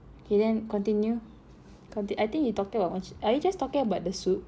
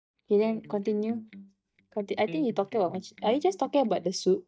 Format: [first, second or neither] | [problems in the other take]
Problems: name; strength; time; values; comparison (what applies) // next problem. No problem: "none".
first | noise reduction (neural mask model DeepFilterNet 3)